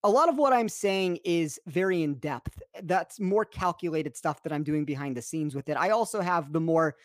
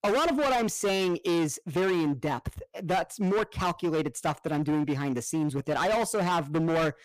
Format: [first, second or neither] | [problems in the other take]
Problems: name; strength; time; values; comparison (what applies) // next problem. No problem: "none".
first | distortion; heavy; 22% of the sound clipped